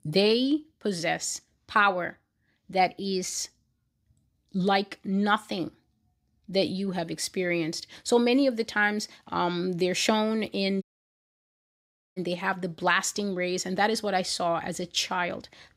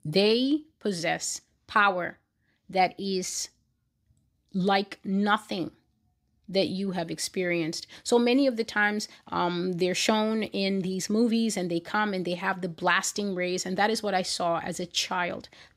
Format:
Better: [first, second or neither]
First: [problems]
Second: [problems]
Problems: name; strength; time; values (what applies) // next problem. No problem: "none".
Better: second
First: audio cutting out; at 11 s for 1.5 s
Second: none